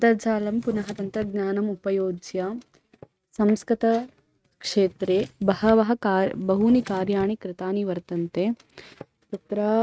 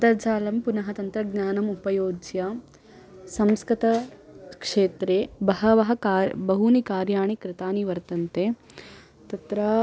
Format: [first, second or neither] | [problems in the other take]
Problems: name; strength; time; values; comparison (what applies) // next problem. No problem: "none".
second | noise reduction (neural mask model RNNoise)